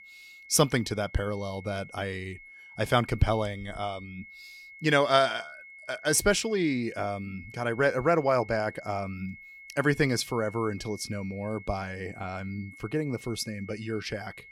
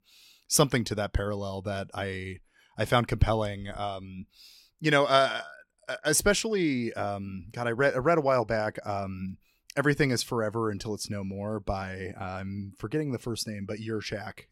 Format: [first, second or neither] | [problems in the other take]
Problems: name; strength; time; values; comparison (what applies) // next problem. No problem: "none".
second | high-pitched whine; noticeable; throughout; 2 kHz, 20 dB below the speech